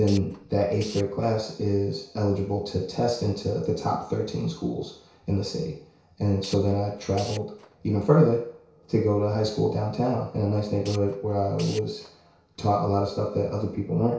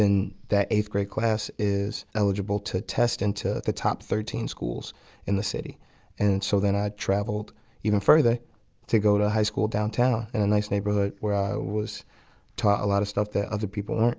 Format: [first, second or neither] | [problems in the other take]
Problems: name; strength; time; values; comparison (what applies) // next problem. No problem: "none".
second | background sound (Tools); 20 dB below the speech // room echo; dies away in 0.6 s